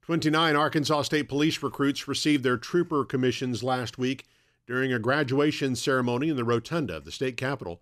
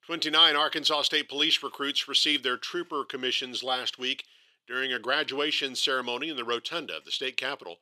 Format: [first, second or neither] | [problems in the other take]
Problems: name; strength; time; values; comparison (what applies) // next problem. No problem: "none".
first | thin; somewhat; fading below 450 Hz